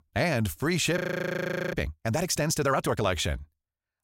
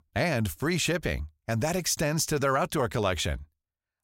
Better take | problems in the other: second | audio freezing; at 1 s for 1 s

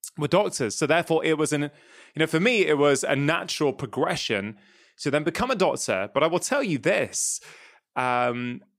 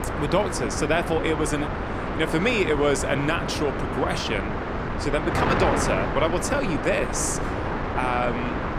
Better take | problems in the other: first | wind noise on the microphone; heavy; 3 dB below the speech

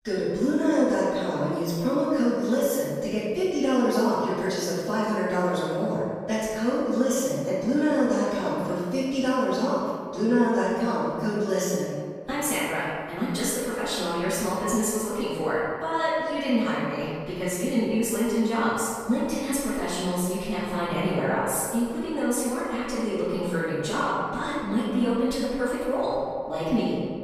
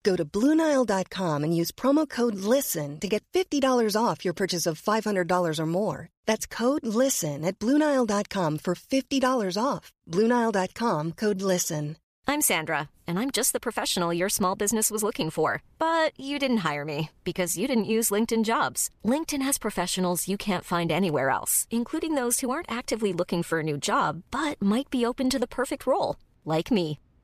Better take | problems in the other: second | off-mic speech; far // room echo; strong; dies away in 1.8 s

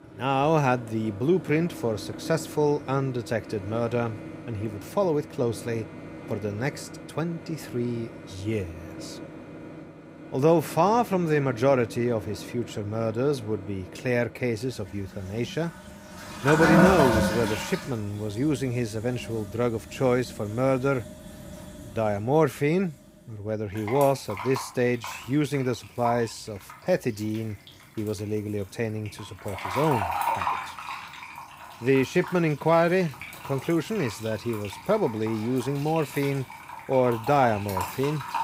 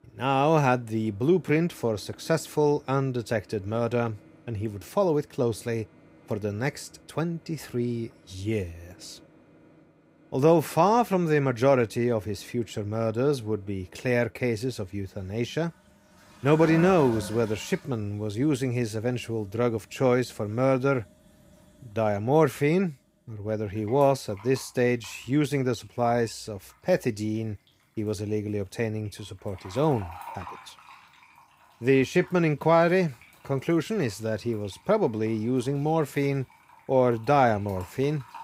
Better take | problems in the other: second | household noises; loud; throughout; 7 dB below the speech; faint in the second

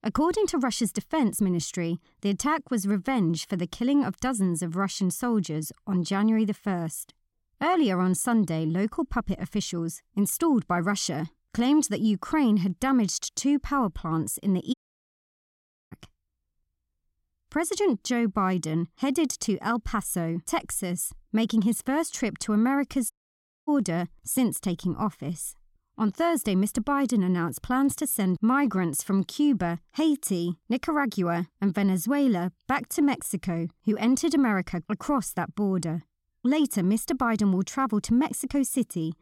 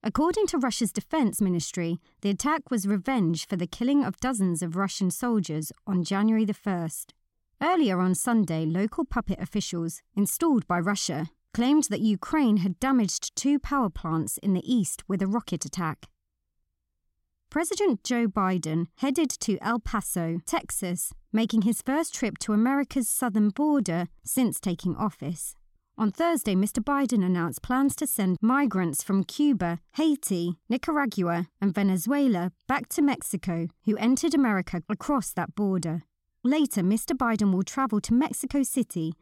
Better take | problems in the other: second | audio cutting out; at 15 s for 1 s and at 23 s for 0.5 s

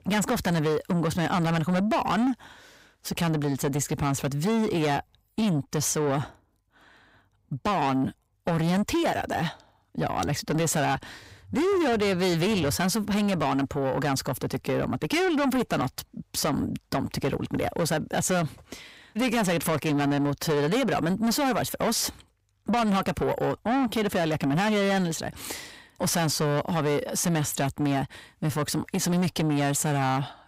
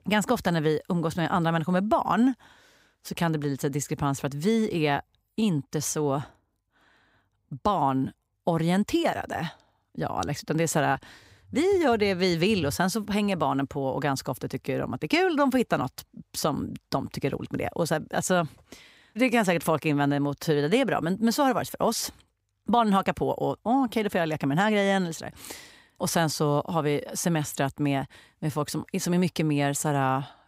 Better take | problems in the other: second | distortion; heavy; 8 dB below the speech

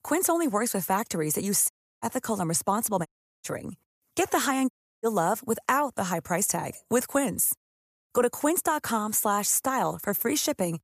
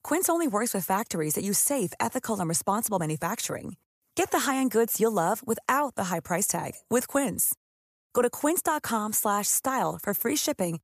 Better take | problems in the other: second | audio cutting out; at 1.5 s, at 3 s and at 4.5 s

